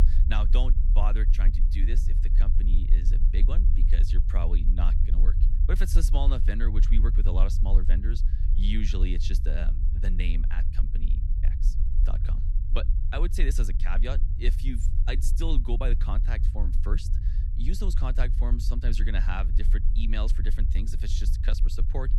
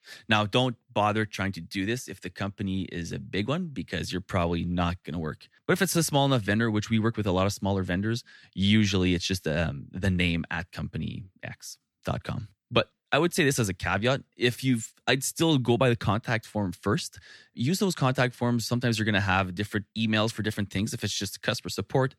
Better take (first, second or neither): second